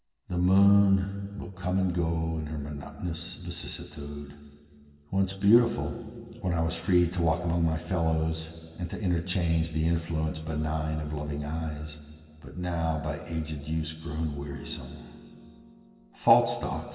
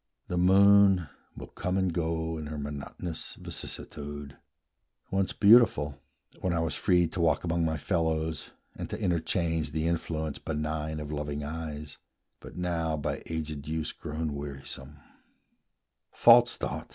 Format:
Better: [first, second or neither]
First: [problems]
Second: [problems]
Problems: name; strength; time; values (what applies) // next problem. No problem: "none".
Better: second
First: background sound (Piano); 19 dB below the speech // room echo; dies away in 2.6 s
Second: none